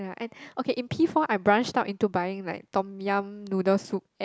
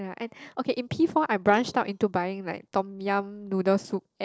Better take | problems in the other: first | noise reduction (neural separator model SepFormer DNS4)

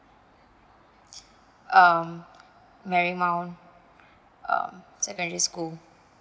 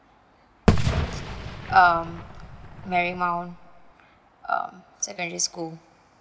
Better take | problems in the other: first | background sound (Fireworks); as loud as the speech

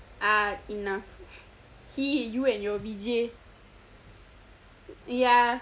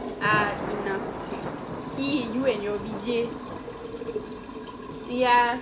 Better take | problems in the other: first | background sound (Thunder + Liquid); 6 dB below the speech

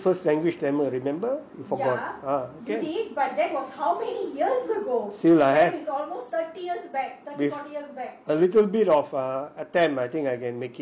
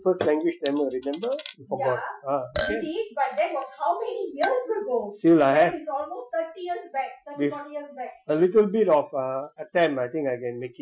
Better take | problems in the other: first | noise reduction (classical method Wiener filter)

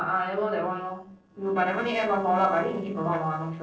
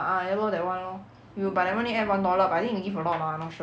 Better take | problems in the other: second | noise reduction (neural separator model SepFormer DNS4)

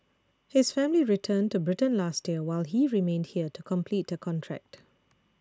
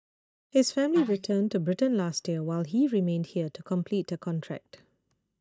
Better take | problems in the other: first | noise reduction (neural mask model DeepFilterNet 3)

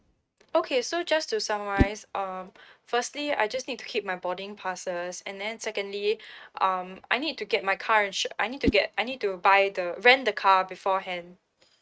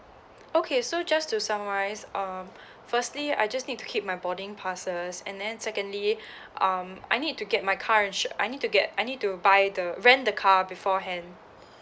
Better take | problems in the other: second | noise reduction (neural mask model RNNoise)

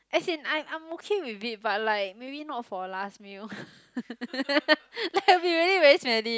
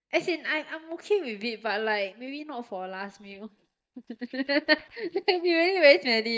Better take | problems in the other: first | noise reduction (neural mask model DeepFilterNet 3)

